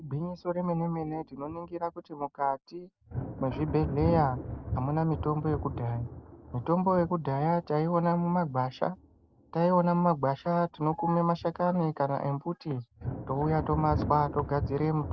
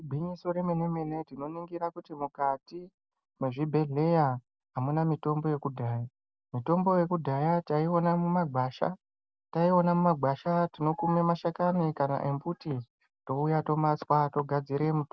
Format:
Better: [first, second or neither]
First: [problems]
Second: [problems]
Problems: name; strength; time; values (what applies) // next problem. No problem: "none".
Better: second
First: background sound (Thunder); 10 dB below the speech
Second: none